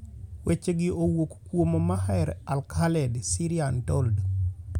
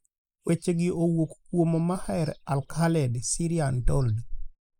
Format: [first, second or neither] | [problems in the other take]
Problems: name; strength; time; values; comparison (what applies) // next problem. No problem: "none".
first | noise reduction (neural mask model Resemble Enhance denoiser)